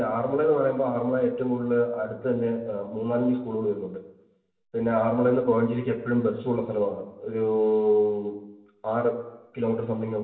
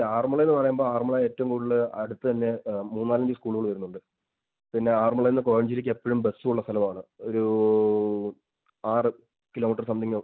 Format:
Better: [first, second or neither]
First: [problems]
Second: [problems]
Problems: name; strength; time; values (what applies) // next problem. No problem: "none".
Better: second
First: room echo; dies away in 0.9 s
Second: none